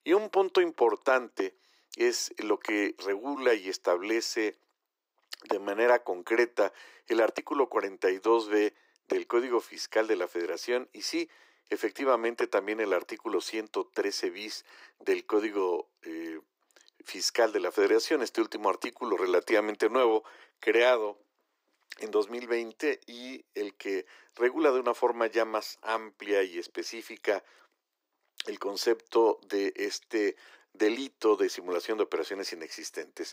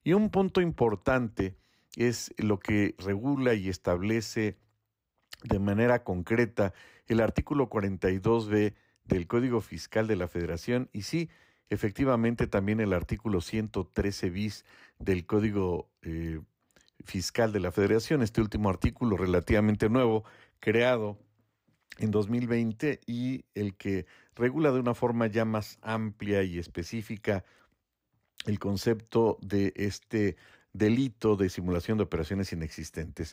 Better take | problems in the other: second | thin; very; fading below 350 Hz

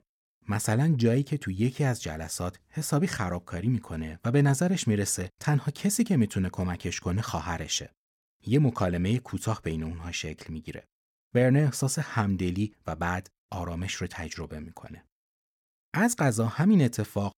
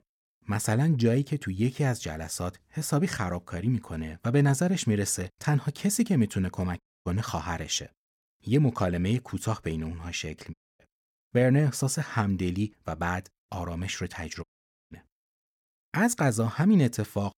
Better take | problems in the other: first | audio cutting out; at 7 s, at 11 s and at 14 s

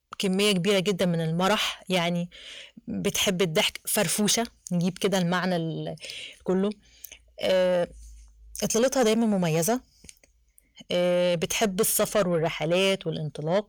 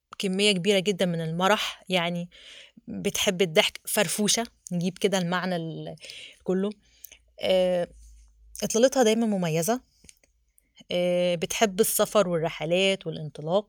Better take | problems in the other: second | distortion; slight; 10 dB below the speech

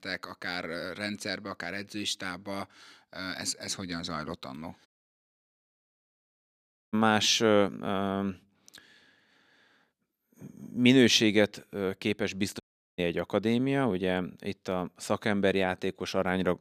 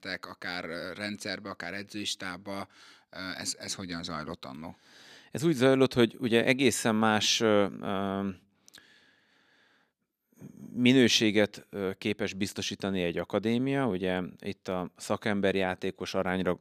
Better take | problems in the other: second | audio cutting out; at 5 s for 2 s and at 13 s

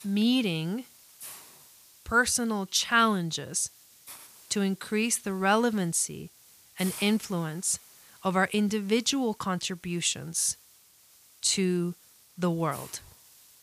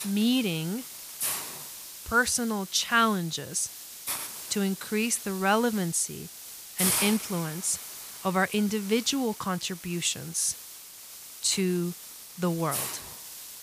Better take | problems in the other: first | hiss; loud; throughout; 8 dB below the speech; faint in the first

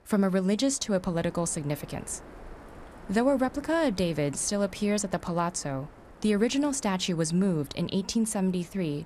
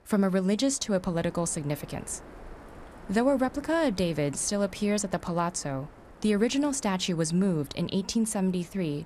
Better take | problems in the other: neither | wind noise on the microphone; occasional gusts; 20 dB below the speech; the same in both

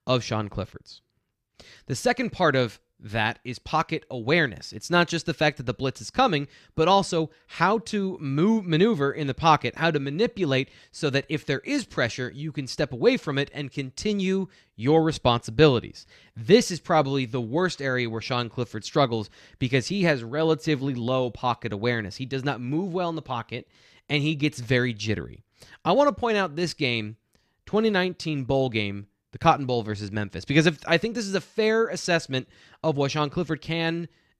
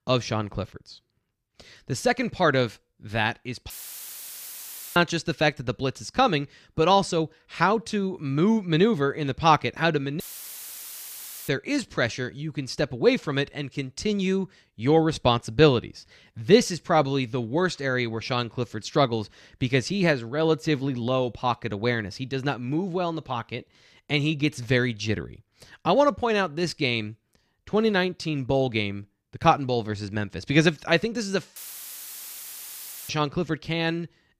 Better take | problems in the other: first | audio cutting out; filled with static; at 3.5 s for 1.5 s, at 10 s for 1.5 s and at 32 s for 1.5 s

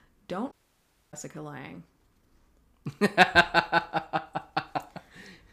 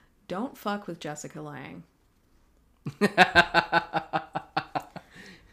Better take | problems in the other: second | audio cutting out; at 0.5 s for 0.5 s

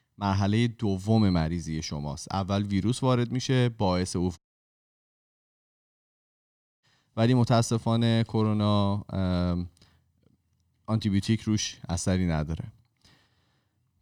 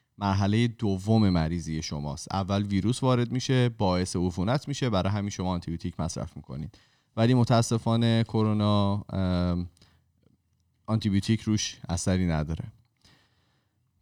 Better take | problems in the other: second | audio cutting out; at 4.5 s for 2.5 s

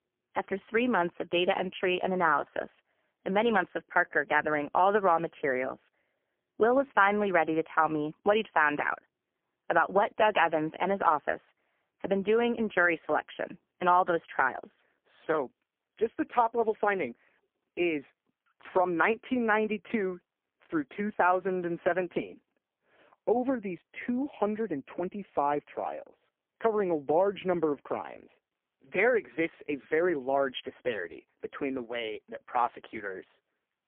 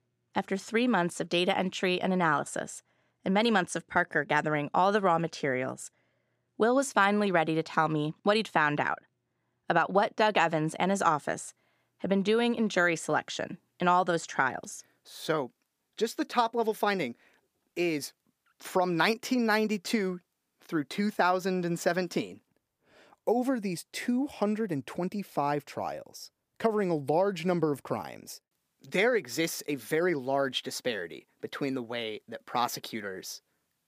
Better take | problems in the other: second | phone-call audio; poor line; nothing above 3.5 kHz

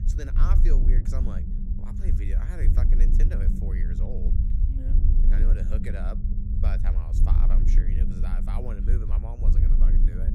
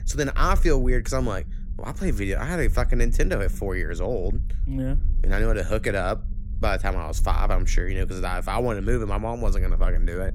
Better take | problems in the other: second | low rumble; loud; throughout; 1 dB below the speech; faint in the second

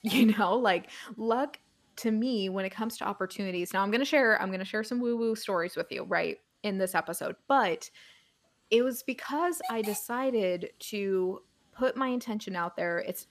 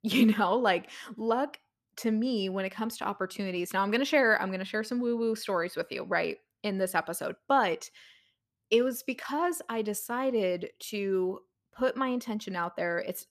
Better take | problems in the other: second | hiss; noticeable; throughout; 10 dB below the speech

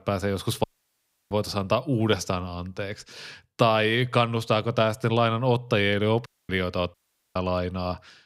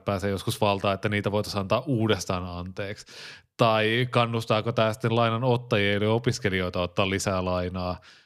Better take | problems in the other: second | audio cutting out; at 0.5 s for 0.5 s, at 6.5 s and at 7 s

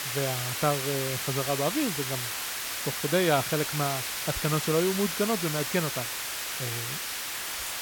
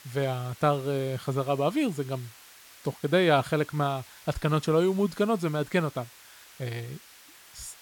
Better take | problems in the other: second | hiss; loud; throughout; 1 dB below the speech; faint in the second

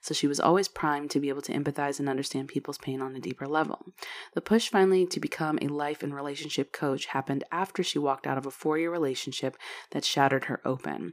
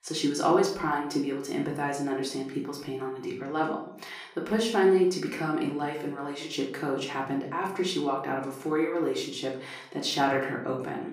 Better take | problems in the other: first | off-mic speech; far // room echo; slight; dies away in 0.5 s

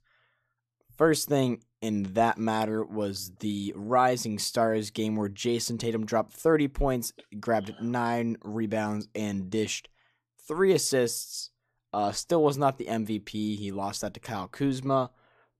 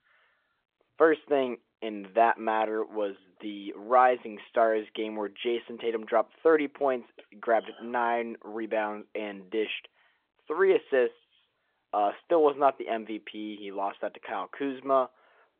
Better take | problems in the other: first | phone-call audio; nothing above 3.5 kHz

